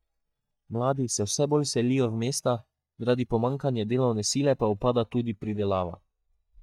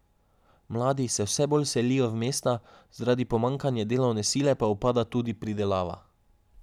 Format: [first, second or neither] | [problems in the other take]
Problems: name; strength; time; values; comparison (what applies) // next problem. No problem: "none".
second | noise reduction (neural mask model DeepFilterNet 3)